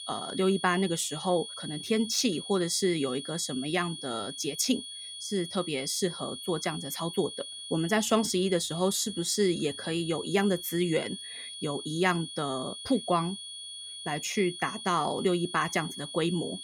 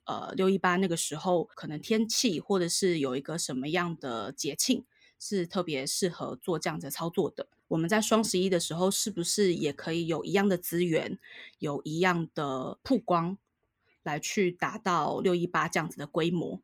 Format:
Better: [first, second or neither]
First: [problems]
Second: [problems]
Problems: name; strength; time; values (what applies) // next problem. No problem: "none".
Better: second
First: high-pitched whine; loud; throughout; 3.5 kHz, 9 dB below the speech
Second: none